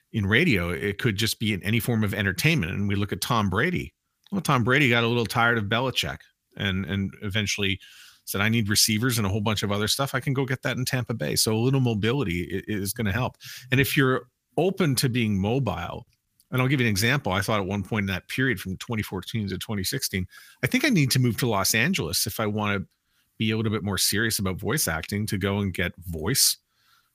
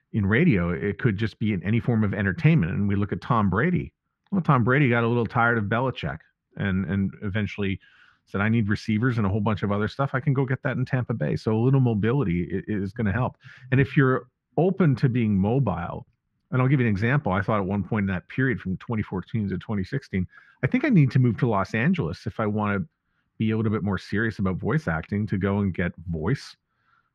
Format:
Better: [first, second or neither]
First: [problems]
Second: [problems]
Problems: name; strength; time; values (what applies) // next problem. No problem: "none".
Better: first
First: none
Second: muffled; very; fading above 1.5 kHz